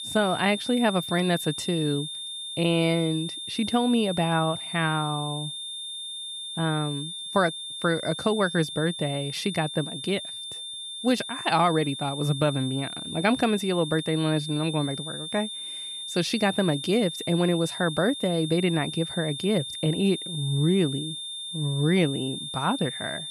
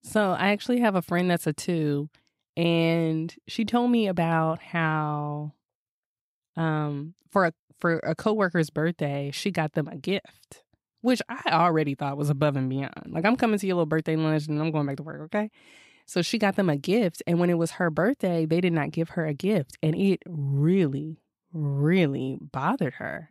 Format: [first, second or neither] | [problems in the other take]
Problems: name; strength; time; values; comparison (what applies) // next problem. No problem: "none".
second | high-pitched whine; loud; throughout; 3.5 kHz, 7 dB below the speech